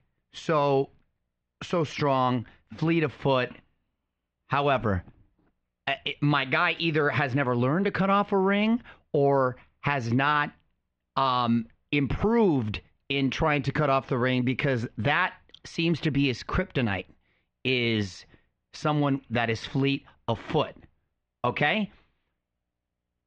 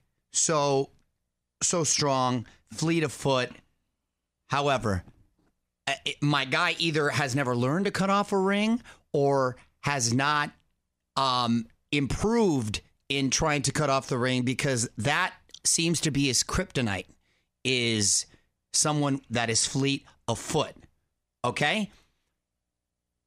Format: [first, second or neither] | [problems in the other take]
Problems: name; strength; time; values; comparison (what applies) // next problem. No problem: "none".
second | muffled; very; fading above 3 kHz